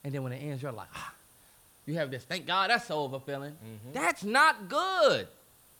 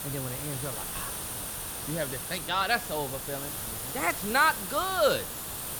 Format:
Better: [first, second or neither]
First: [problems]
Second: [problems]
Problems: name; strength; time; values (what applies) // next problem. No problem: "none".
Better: first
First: hiss; faint; throughout; 30 dB below the speech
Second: hiss; loud; throughout; 5 dB below the speech